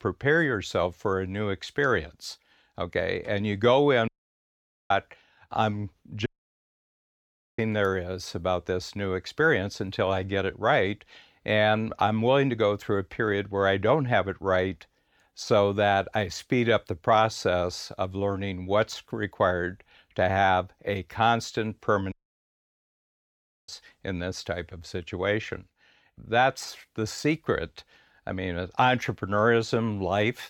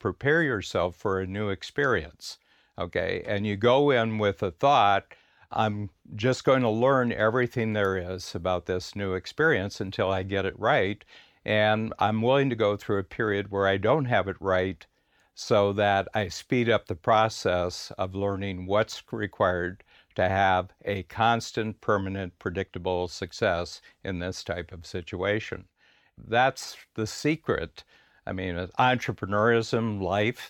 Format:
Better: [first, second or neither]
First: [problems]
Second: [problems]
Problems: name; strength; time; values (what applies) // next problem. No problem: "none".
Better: second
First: audio cutting out; at 4 s for 1 s, at 6.5 s for 1.5 s and at 22 s for 1.5 s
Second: none